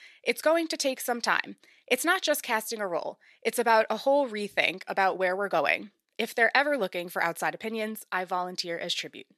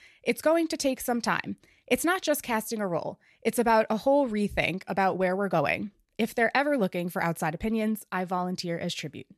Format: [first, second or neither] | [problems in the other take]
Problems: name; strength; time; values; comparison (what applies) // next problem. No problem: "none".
second | thin; somewhat; fading below 350 Hz